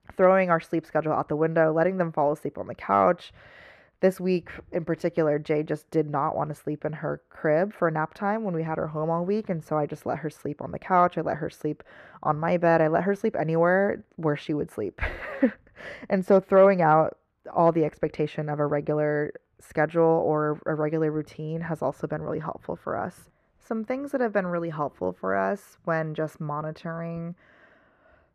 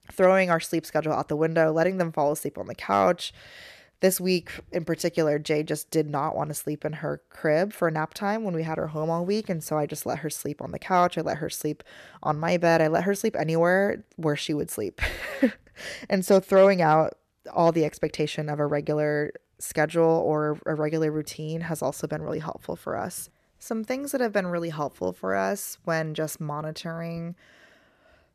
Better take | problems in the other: second | muffled; very; fading above 3 kHz

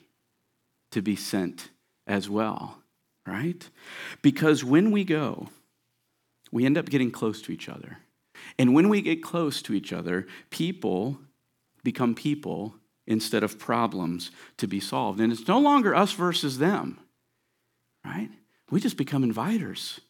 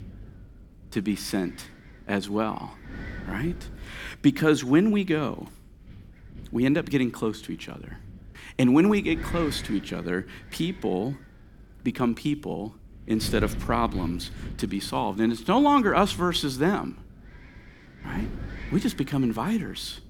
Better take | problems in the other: first | wind noise on the microphone; occasional gusts; 20 dB below the speech

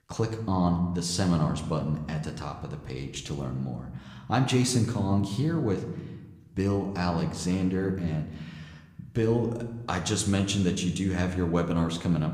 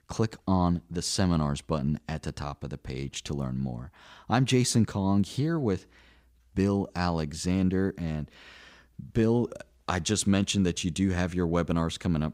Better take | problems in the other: second | room echo; slight; dies away in 0.9 s

